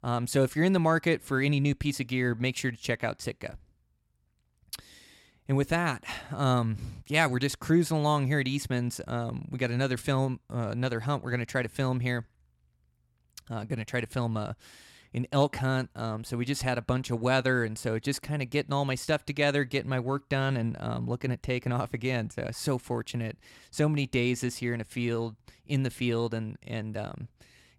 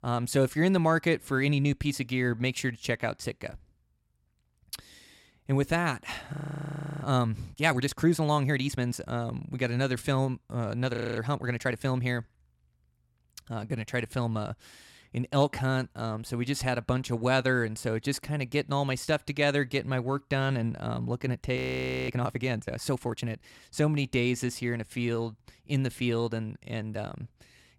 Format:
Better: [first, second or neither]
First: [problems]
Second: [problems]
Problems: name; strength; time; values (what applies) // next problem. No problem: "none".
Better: first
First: none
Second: audio freezing; at 6.5 s for 0.5 s, at 11 s and at 22 s for 0.5 s